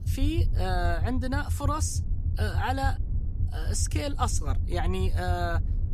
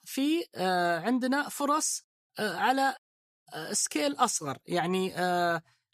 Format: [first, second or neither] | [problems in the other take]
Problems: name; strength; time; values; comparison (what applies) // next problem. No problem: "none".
second | low rumble; noticeable; throughout; 15 dB below the speech